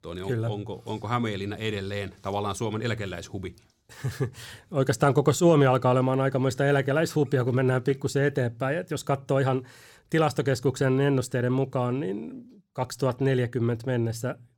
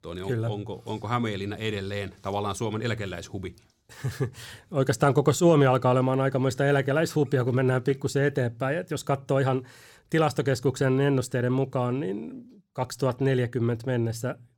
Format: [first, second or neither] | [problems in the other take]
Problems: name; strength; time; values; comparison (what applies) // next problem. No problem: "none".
neither | none